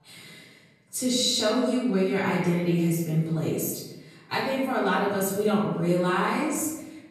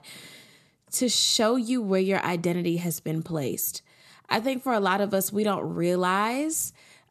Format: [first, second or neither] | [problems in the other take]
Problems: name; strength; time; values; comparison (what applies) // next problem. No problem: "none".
second | room echo; noticeable; dies away in 1 s // off-mic speech; far